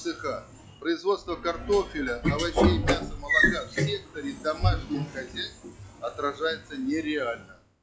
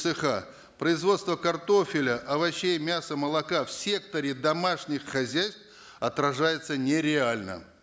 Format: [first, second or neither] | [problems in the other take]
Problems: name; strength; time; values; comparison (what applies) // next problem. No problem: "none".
second | noise reduction (classical method log-MMSE)